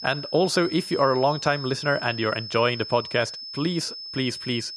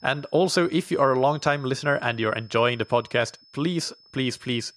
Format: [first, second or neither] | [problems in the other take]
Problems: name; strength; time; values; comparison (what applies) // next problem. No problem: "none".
second | high-pitched whine; loud; throughout; 5 kHz, 10 dB below the speech; faint in the second